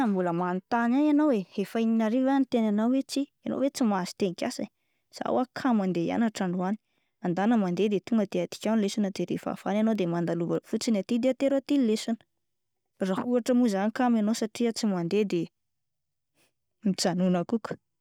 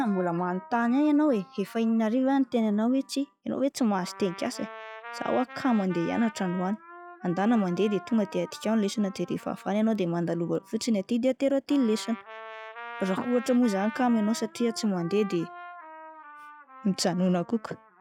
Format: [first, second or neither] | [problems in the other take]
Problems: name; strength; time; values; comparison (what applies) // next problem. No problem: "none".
first | noise reduction (classical method log-MMSE)